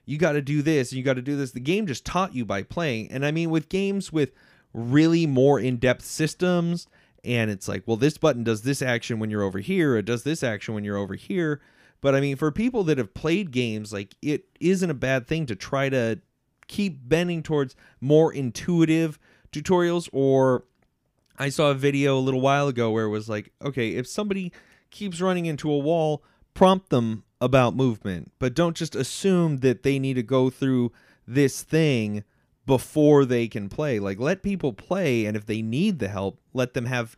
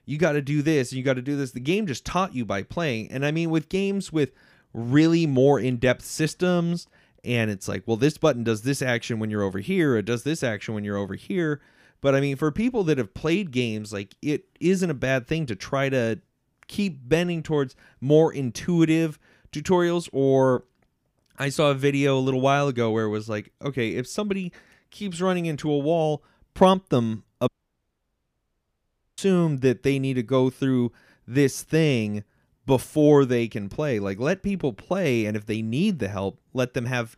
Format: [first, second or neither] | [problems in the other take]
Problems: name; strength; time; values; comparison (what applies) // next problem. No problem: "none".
first | audio cutting out; at 27 s for 1.5 s